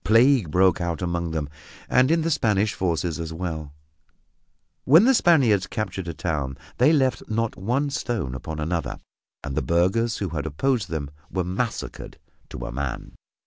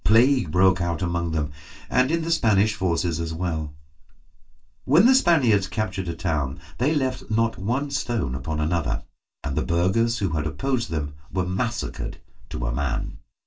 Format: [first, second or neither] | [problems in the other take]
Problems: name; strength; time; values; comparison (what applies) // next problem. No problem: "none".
first | room echo; dies away in 0.2 s